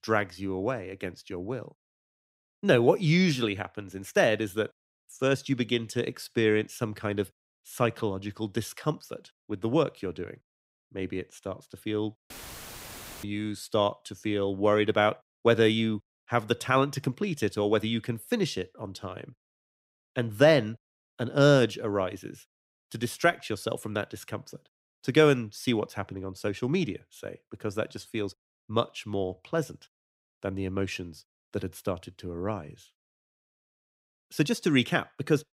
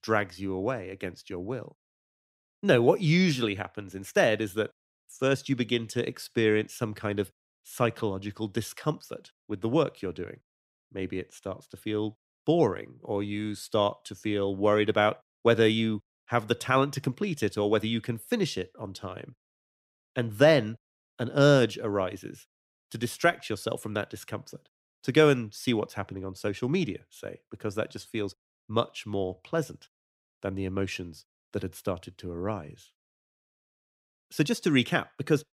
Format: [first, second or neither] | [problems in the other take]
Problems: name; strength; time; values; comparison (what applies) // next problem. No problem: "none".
second | audio cutting out; filled with static; at 12 s for 1 s